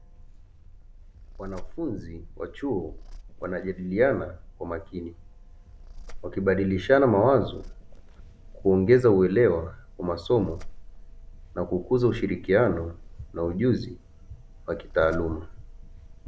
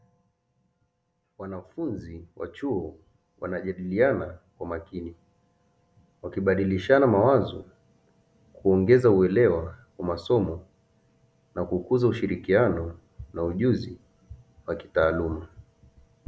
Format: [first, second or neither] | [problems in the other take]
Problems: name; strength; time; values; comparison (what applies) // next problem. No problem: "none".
second | background sound (Purr); 16 dB below the speech